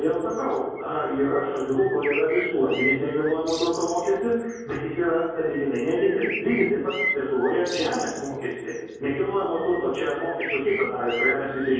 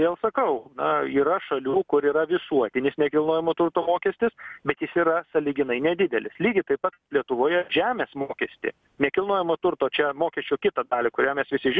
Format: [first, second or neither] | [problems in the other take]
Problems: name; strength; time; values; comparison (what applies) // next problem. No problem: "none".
second | background sound (Bird); 10 dB below the speech // room echo; dies away in 1.3 s